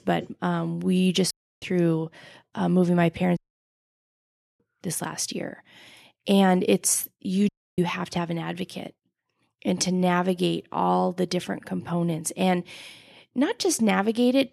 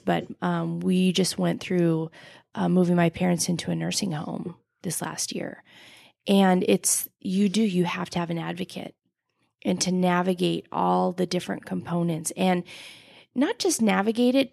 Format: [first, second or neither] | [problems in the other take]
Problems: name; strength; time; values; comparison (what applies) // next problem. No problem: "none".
second | audio cutting out; at 1.5 s, at 3.5 s for 1 s and at 7.5 s